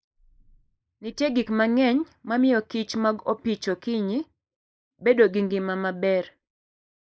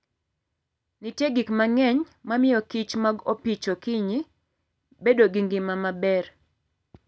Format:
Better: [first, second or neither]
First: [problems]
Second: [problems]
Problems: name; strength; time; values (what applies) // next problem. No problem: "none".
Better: second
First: noise reduction (neural mask model Resemble Enhance denoiser)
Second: none